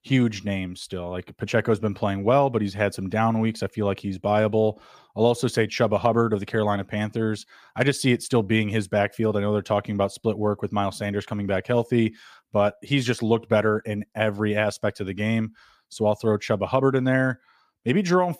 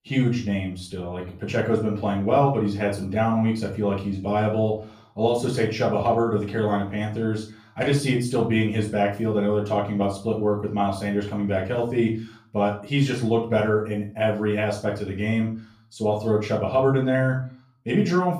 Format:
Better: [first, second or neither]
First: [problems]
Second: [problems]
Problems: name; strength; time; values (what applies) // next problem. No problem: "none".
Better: first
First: none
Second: off-mic speech; far // room echo; slight; dies away in 0.3 s